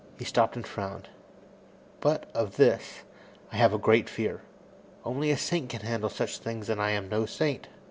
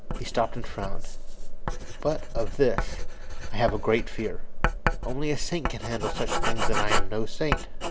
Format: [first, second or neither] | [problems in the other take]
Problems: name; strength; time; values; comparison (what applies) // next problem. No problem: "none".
first | background sound (Writing); 5 dB above the speech